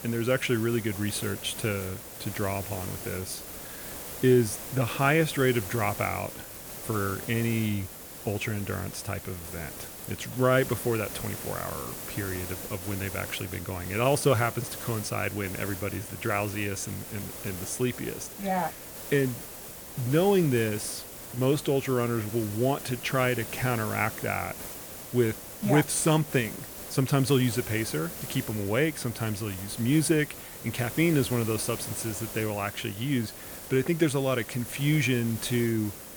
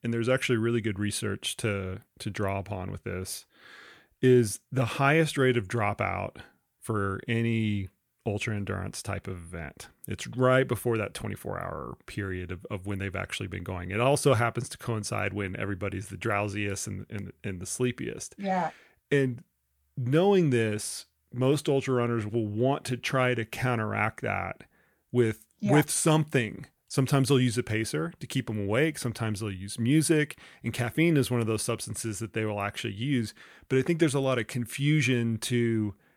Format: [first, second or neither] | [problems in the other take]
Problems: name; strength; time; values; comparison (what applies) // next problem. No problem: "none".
second | hiss; loud; throughout; 10 dB below the speech